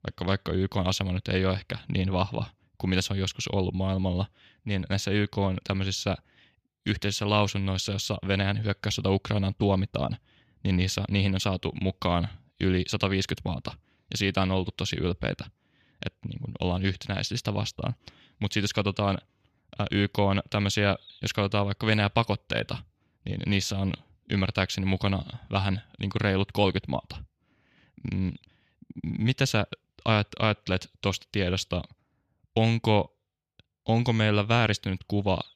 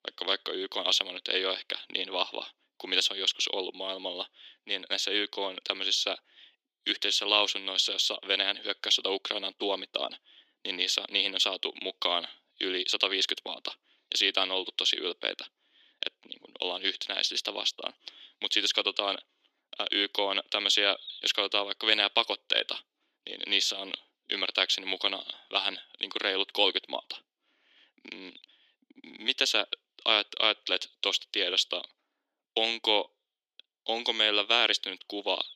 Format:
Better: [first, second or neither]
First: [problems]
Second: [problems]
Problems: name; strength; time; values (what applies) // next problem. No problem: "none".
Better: first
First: none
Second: thin; very; fading below 300 Hz